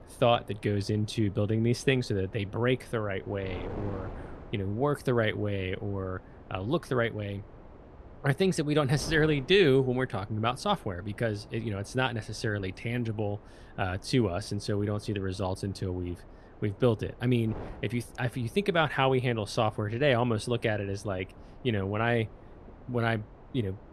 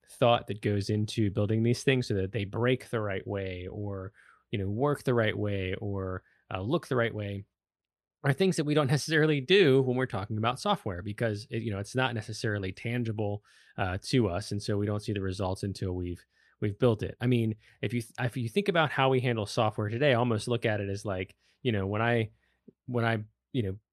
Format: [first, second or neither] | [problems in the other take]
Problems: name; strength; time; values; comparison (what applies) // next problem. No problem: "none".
second | wind noise on the microphone; occasional gusts; 20 dB below the speech